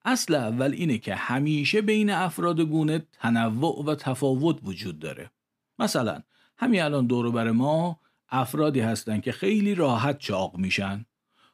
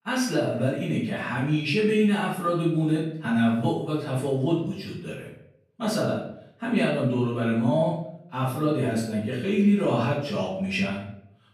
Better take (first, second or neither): first